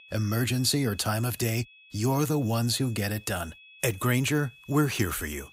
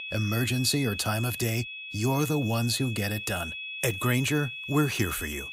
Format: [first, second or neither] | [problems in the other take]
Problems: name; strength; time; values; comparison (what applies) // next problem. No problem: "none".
first | high-pitched whine; loud; throughout; 2.5 kHz, 8 dB below the speech; faint in the first